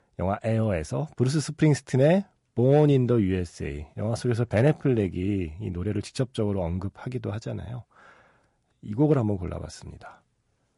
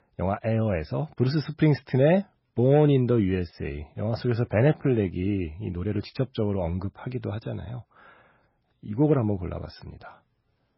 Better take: first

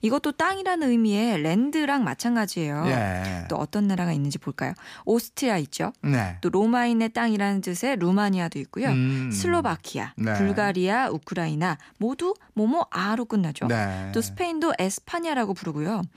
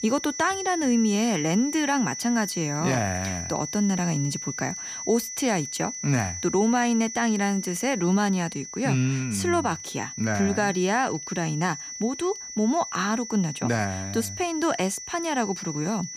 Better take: first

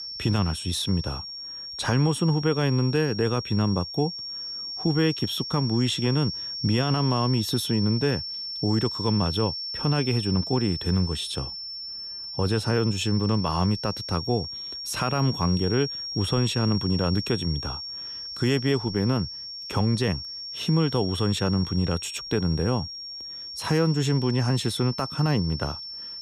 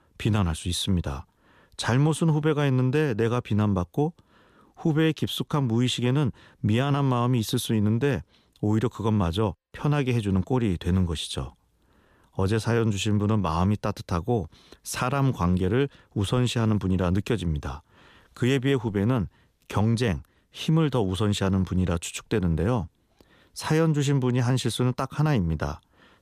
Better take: second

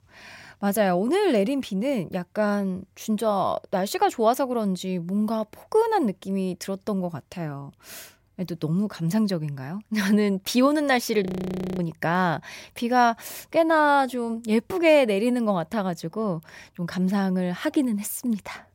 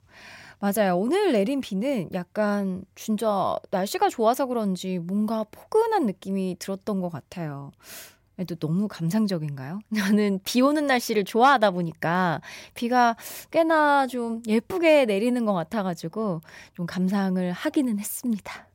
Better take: second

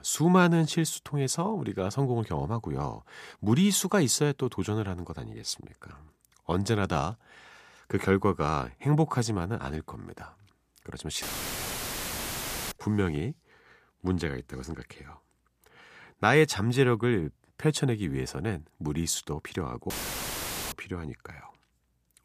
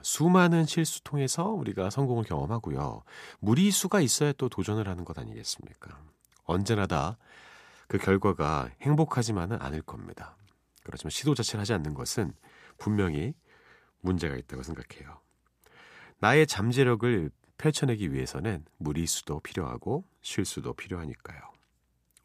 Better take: second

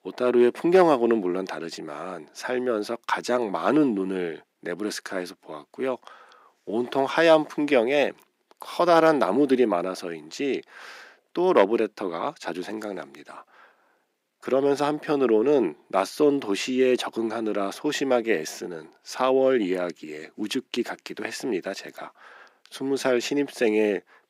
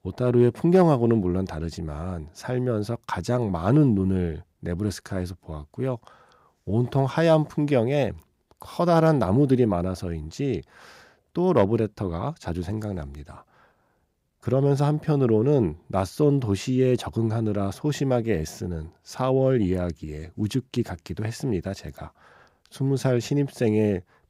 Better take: second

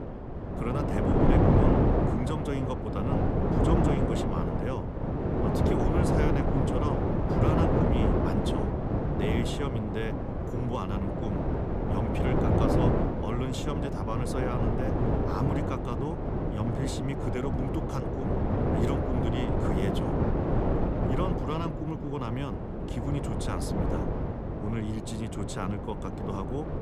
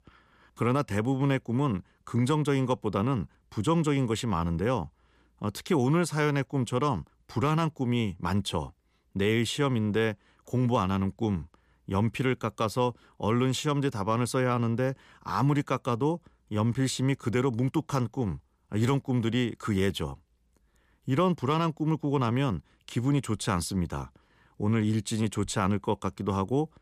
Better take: second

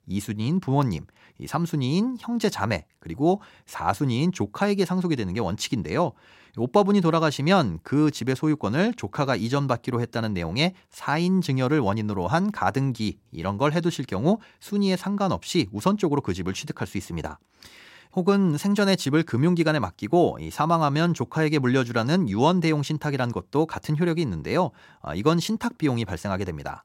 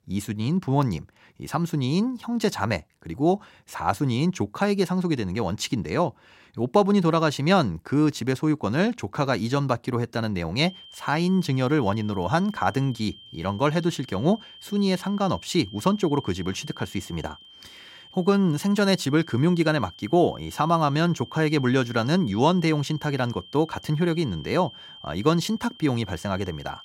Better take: first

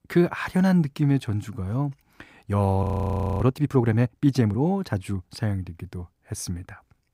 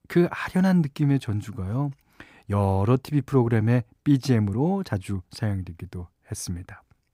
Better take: second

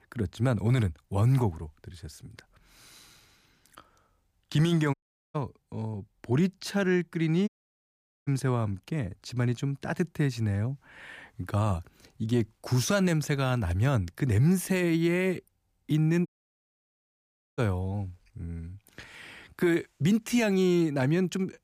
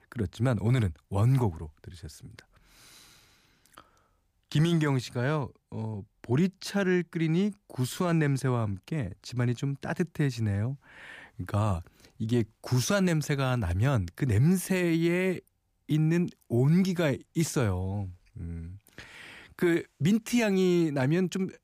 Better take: second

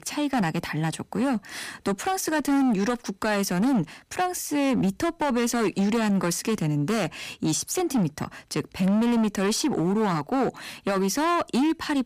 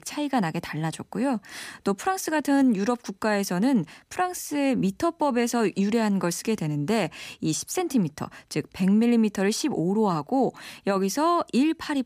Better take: second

